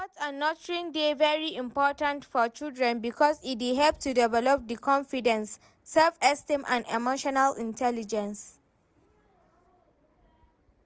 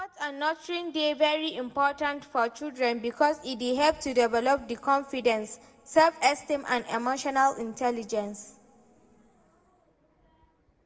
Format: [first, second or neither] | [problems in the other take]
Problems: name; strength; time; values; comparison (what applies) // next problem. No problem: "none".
first | room echo; dies away in 1.7 s